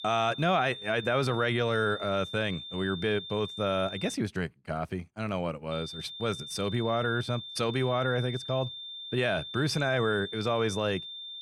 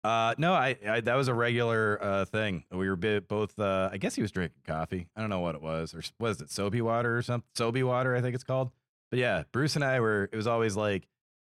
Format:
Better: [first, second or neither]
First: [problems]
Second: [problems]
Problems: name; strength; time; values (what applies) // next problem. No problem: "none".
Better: second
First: high-pitched whine; loud; until 4 s and from 5.5 s on; 3.5 kHz, 9 dB below the speech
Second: none